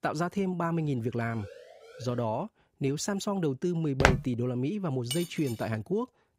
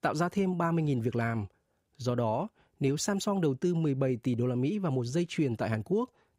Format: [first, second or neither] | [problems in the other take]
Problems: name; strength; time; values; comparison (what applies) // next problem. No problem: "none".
second | siren; faint; at 1.5 s; peak 20 dB below the speech // footsteps; loud; at 4 s; peak 5 dB above the speech // clattering dishes; noticeable; at 5 s; peak 5 dB below the speech